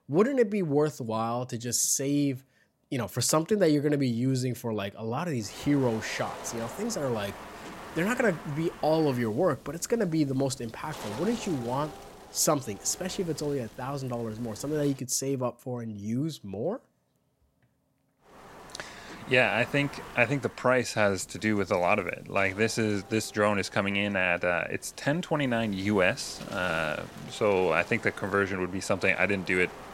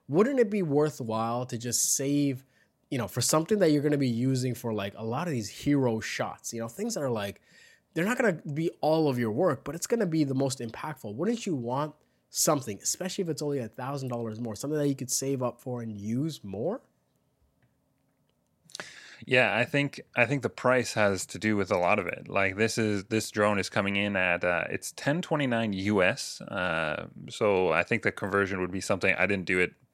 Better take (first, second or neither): second